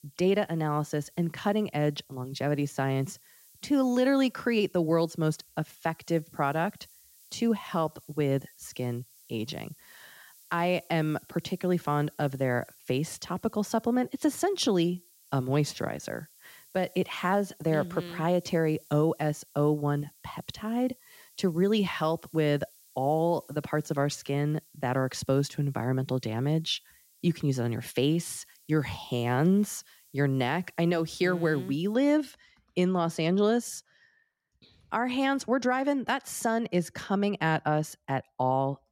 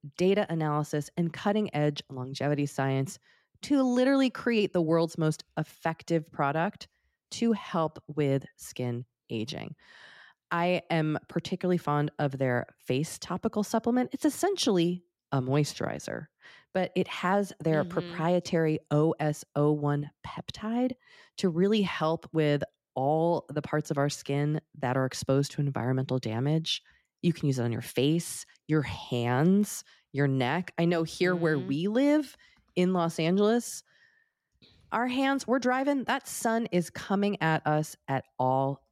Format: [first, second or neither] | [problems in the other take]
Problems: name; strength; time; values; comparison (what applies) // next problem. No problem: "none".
second | hiss; faint; until 32 s; 25 dB below the speech